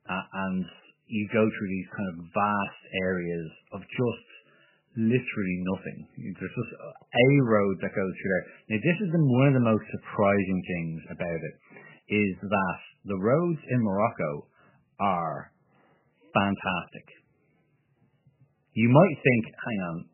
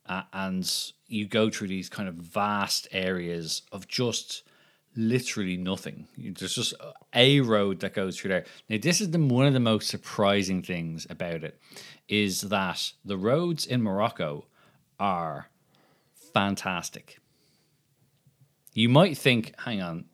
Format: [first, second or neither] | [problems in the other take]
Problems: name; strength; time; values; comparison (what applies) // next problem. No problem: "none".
second | garbled, watery; badly; nothing above 3 kHz